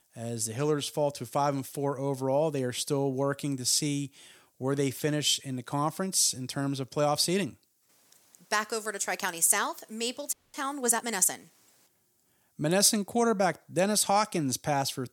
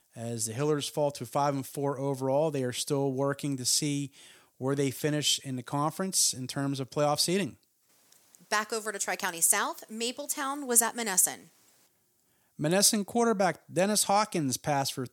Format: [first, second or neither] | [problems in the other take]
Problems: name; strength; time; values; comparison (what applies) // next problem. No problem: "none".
second | audio freezing; at 10 s